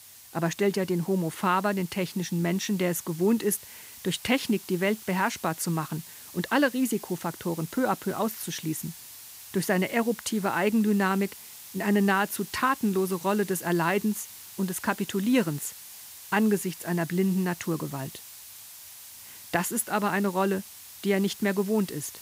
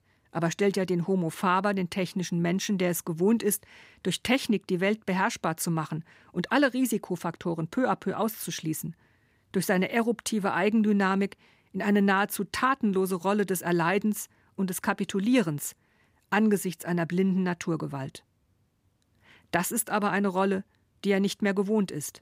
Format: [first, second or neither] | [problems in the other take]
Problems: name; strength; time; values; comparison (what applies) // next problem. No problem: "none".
second | hiss; noticeable; throughout; 15 dB below the speech